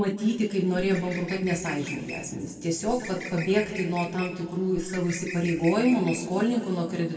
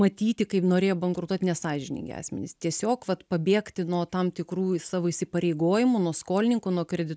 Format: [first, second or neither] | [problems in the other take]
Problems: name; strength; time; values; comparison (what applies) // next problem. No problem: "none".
second | background sound (Bird); 13 dB below the speech // room echo; dies away in 2.2 s